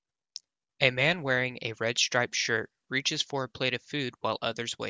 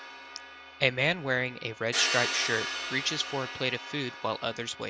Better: first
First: none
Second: background sound (Crash cymbal); 5 dB below the speech

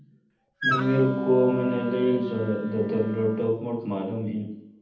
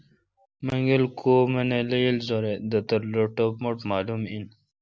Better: second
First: background sound (Wind instrument, woodwind instrument); 7 dB below the speech // room echo; dies away in 0.8 s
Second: none

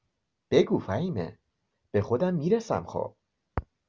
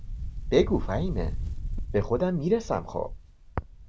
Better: first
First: none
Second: background sound (Wind); 5 dB below the speech

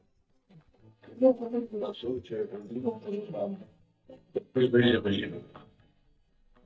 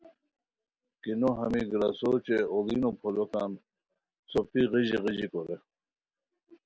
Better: second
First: noise reduction (neural mask model DeepFilterNet 3)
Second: none

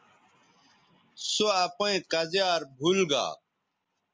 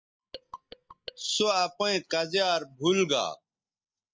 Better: first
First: none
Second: noise reduction (neural mask model DeepFilterNet 3)

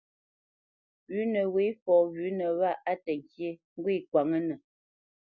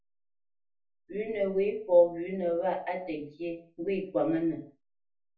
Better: first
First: none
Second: room echo; dies away in 0.3 s

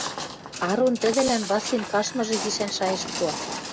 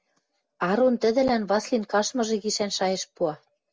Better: second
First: background sound (Walk, footsteps); 7 dB below the speech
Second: none

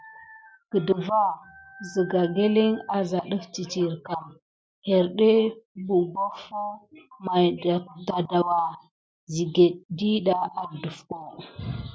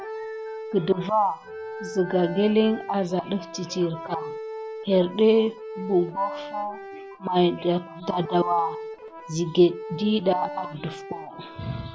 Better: first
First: none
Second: background sound (Accordion); 12 dB below the speech

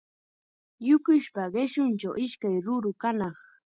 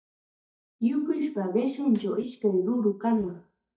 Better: first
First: none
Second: noise reduction (neural mask model DeepFilterNet 3)

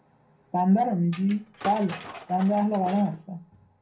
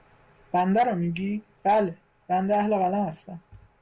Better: second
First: background sound (Tools); 15 dB below the speech // room echo; dies away in 0.2 s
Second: none

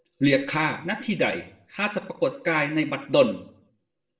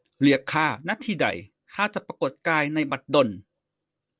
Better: second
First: room echo; dies away in 0.4 s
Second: none

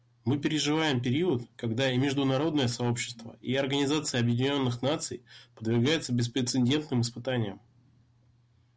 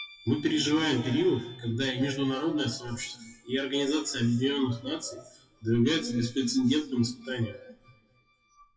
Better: first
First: none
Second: noise reduction (classical method WPE with log-MMSE)

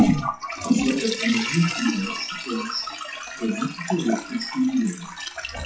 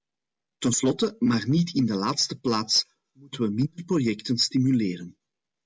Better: second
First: noise reduction (classical method WPE with log-MMSE)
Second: none

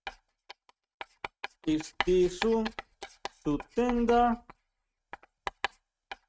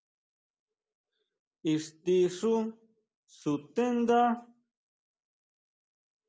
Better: second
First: noise reduction (neural mask model RNNoise)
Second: none

